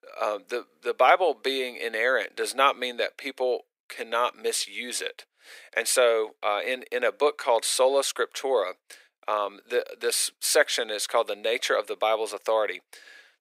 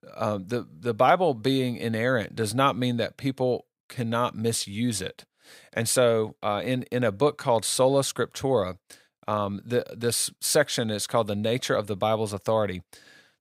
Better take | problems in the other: second | thin; very; fading below 350 Hz

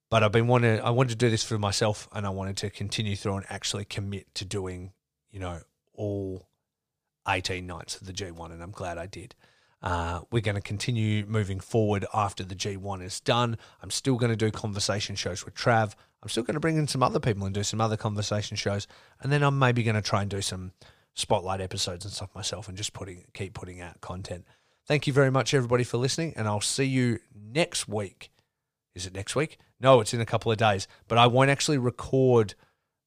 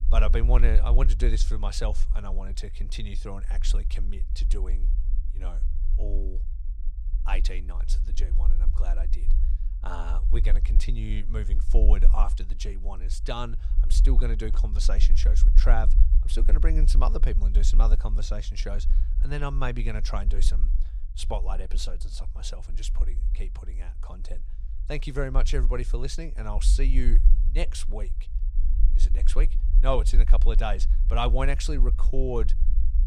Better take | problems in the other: first | low rumble; noticeable; throughout; 15 dB below the speech

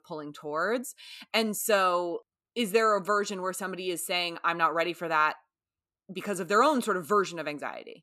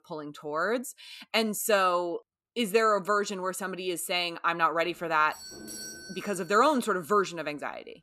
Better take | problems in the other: first | doorbell; faint; from 5 to 7 s; peak 10 dB below the speech

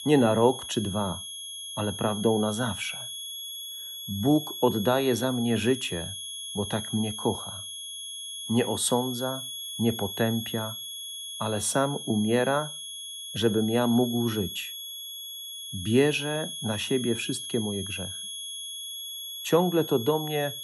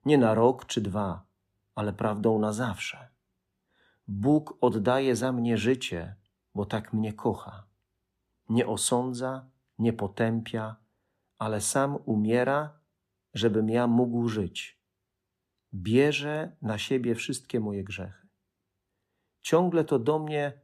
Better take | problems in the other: second | high-pitched whine; loud; throughout; 3.5 kHz, 8 dB below the speech

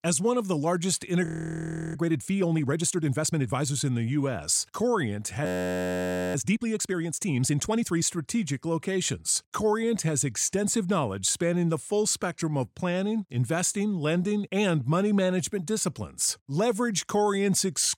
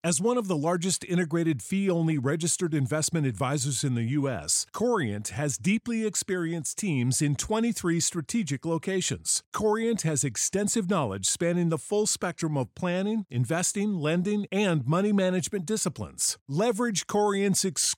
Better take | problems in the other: second | audio freezing; at 1.5 s for 0.5 s and at 5.5 s for 1 s

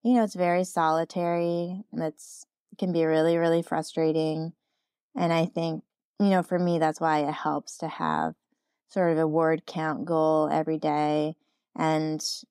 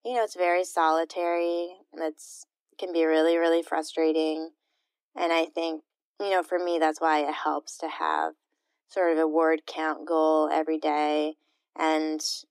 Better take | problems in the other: first | thin; very; fading below 300 Hz

